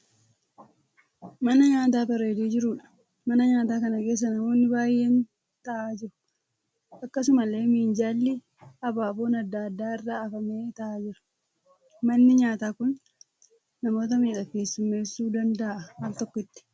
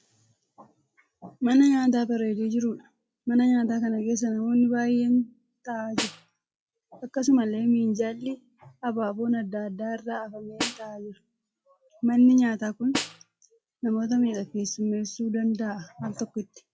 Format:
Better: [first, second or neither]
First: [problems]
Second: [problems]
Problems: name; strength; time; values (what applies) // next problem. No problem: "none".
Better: first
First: none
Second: noise reduction (classical method log-MMSE)